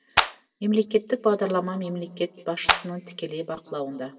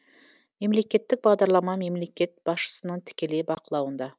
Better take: second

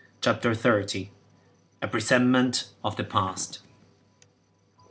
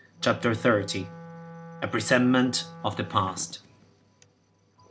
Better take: first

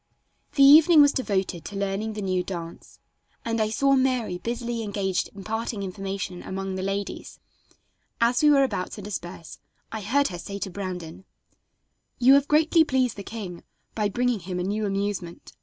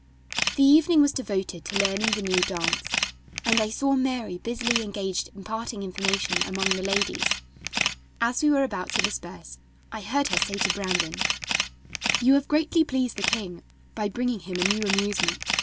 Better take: first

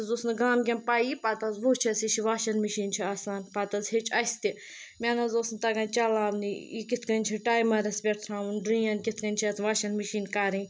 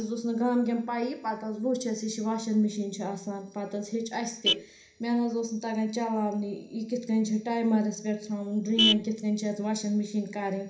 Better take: first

